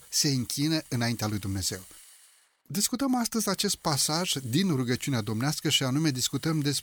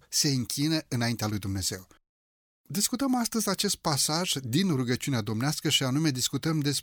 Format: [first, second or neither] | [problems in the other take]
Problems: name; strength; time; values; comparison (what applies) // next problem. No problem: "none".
second | hiss; faint; throughout; 20 dB below the speech